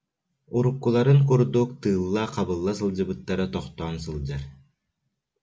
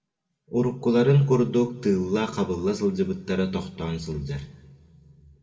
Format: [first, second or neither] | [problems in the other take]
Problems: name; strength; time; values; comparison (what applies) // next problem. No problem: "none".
first | room echo; dies away in 1.3 s